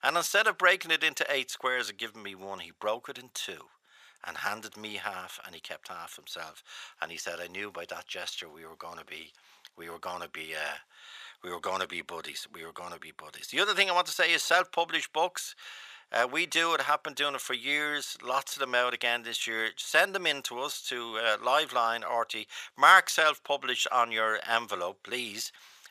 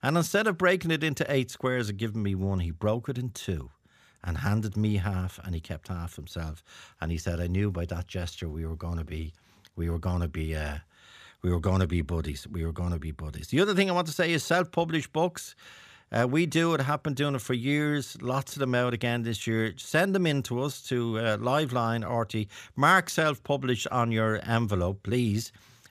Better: second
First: thin; very; fading below 800 Hz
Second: none

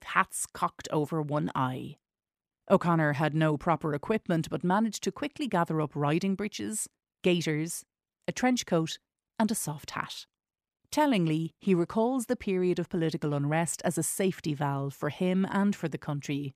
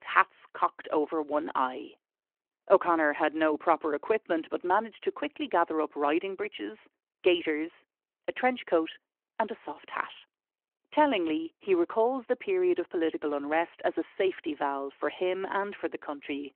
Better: first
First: none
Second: phone-call audio

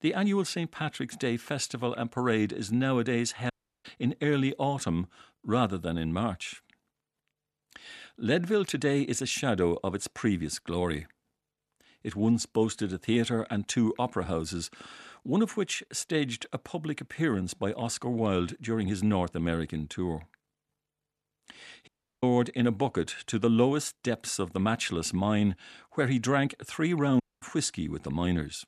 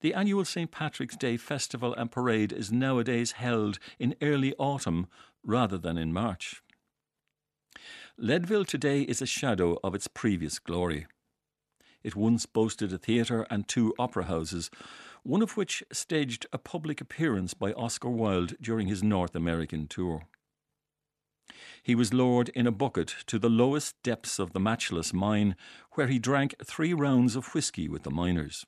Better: second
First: audio cutting out; at 3.5 s, at 22 s and at 27 s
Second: none

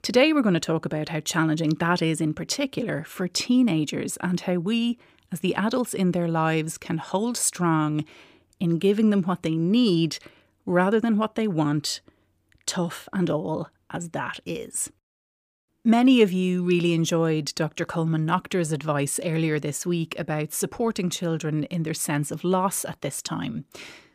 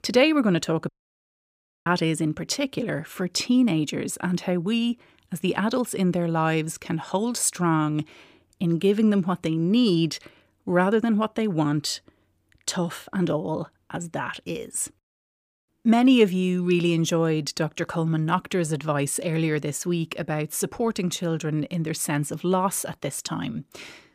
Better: first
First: none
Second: audio cutting out; at 1 s for 1 s

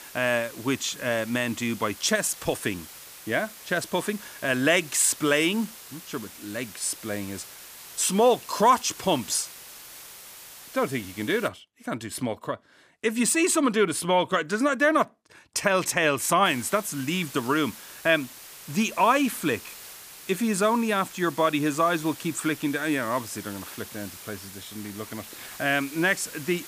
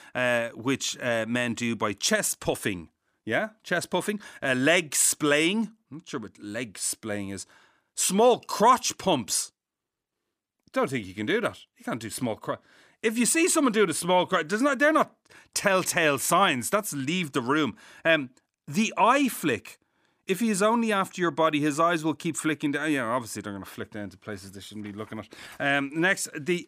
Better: second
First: hiss; noticeable; until 11 s and from 16 s on; 15 dB below the speech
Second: none

